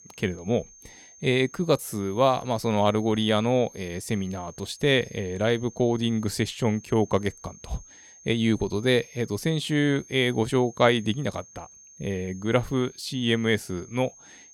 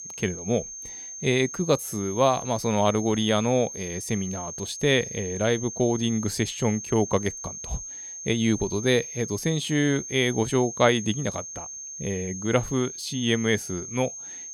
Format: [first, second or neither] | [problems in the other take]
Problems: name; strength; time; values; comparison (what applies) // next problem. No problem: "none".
first | high-pitched whine; loud; throughout; 6.5 kHz, 9 dB below the speech; faint in the first